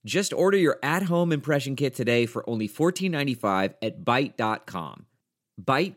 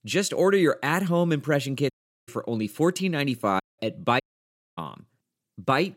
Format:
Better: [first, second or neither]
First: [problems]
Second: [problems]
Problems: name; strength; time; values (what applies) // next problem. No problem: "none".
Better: first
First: none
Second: audio cutting out; at 2 s, at 3.5 s and at 4 s for 0.5 s